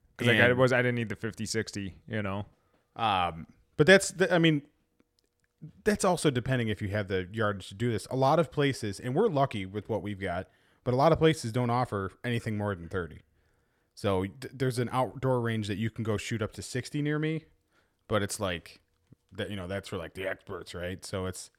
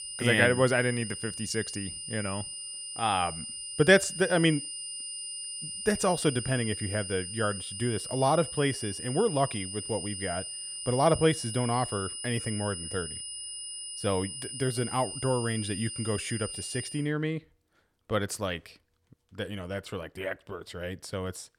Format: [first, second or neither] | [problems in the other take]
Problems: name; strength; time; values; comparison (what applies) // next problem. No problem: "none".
first | high-pitched whine; loud; until 17 s; 9.5 kHz, 6 dB below the speech